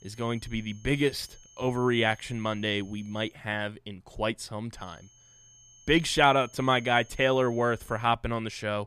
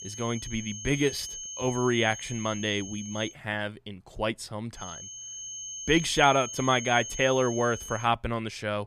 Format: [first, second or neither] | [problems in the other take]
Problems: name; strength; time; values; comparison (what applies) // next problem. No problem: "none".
first | high-pitched whine; loud; until 3.5 s and from 5 to 8 s; 6.5 kHz, 9 dB below the speech; faint in the first